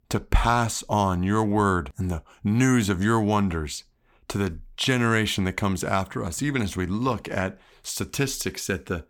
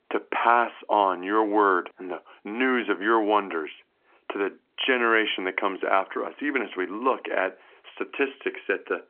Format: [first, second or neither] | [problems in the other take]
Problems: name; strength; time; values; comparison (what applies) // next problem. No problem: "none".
first | phone-call audio; nothing above 3 kHz